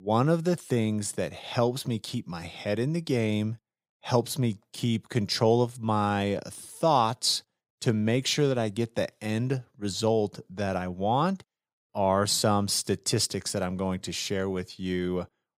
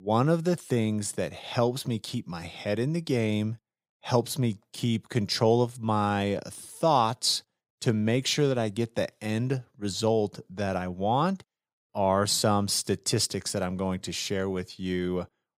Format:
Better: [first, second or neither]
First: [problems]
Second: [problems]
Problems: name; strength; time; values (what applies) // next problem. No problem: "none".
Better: neither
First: none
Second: none